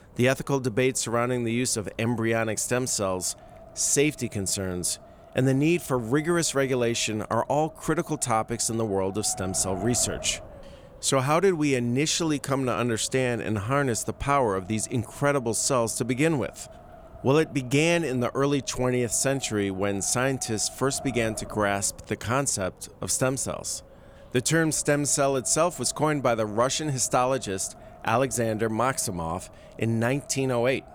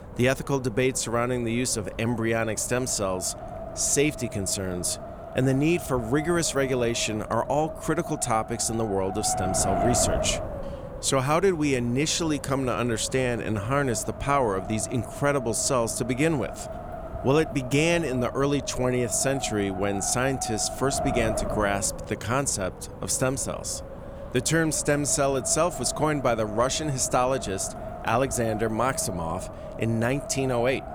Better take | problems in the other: first | wind noise on the microphone; heavy; 9 dB below the speech; occasional gusts in the first

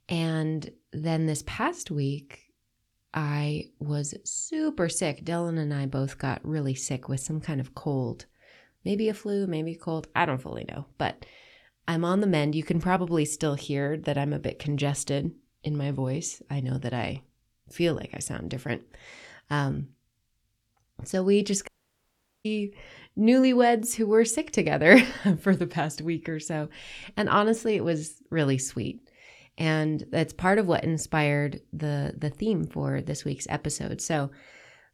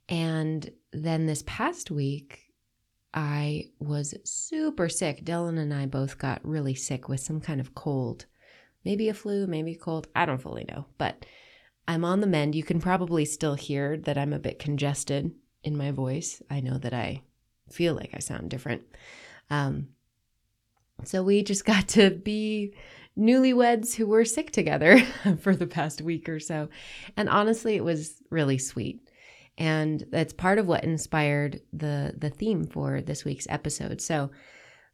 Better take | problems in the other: second | audio cutting out; at 22 s for 1 s

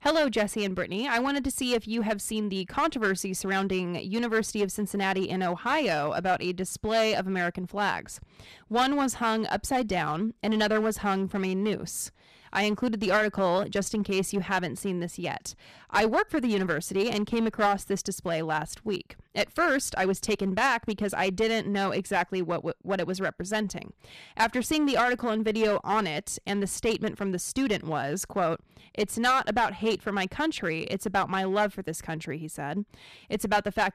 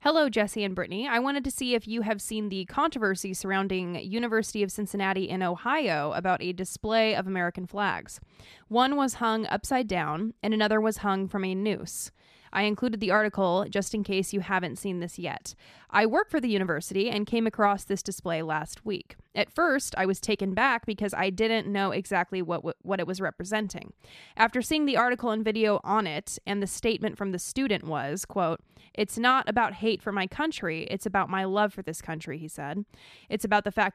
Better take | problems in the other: second | distortion; slight; 5% of the sound clipped

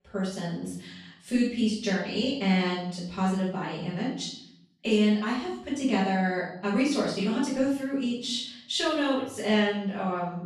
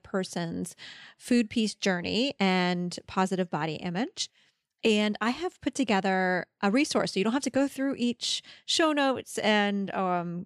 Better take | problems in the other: second | off-mic speech; far // room echo; noticeable; dies away in 0.7 s

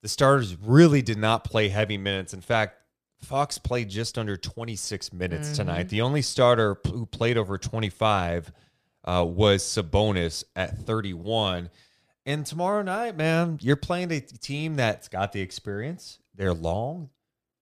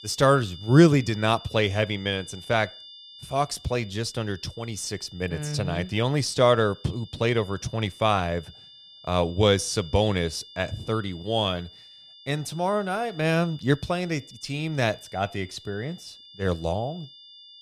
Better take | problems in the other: first | high-pitched whine; noticeable; throughout; 3.5 kHz, 20 dB below the speech

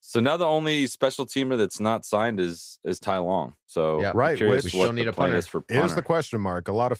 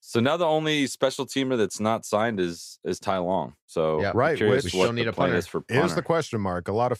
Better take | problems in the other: second | garbled, watery; slightly; nothing above 15.5 kHz

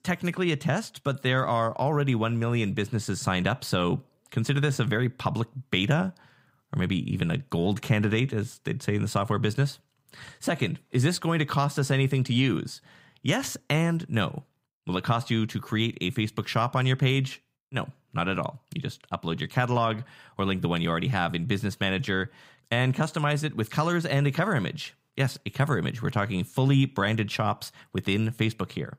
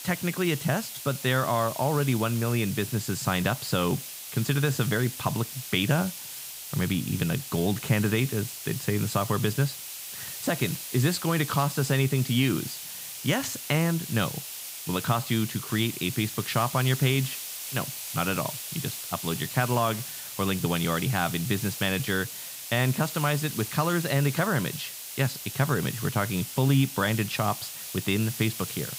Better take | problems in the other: first | hiss; loud; throughout; 8 dB below the speech

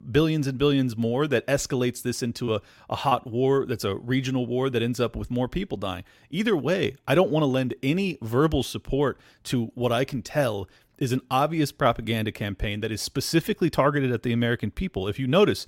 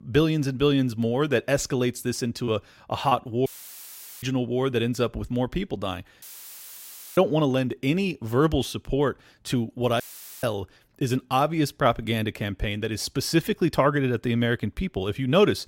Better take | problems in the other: first | audio cutting out; filled with static; at 3.5 s for 1 s, at 6 s for 1 s and at 10 s

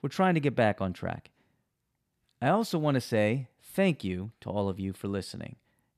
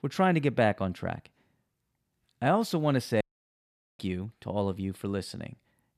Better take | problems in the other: first | audio cutting out; at 3 s for 1 s

